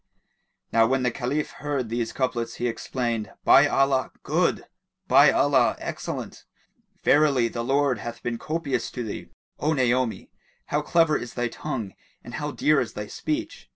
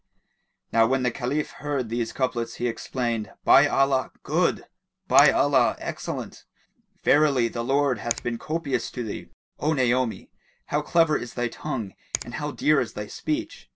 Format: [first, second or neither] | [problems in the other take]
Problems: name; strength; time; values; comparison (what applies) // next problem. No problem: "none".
first | background sound (Finger snapping); 14 dB below the speech